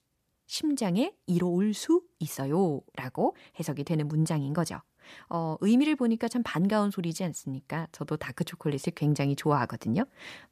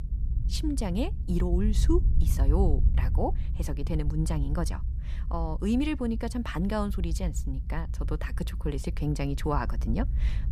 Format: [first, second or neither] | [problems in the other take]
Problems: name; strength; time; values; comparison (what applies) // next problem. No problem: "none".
first | low rumble; noticeable; throughout; 15 dB below the speech